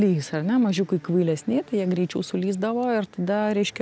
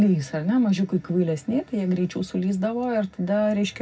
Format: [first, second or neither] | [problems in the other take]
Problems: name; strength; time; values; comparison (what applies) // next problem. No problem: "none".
first | room echo; dies away in 0.4 s